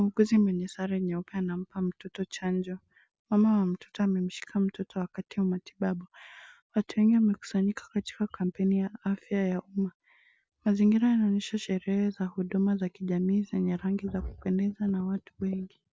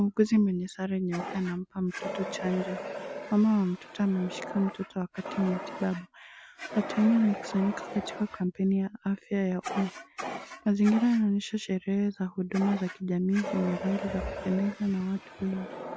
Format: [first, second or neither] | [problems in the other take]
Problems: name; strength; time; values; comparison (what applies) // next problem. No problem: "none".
first | background sound (Fire); 11 dB below the speech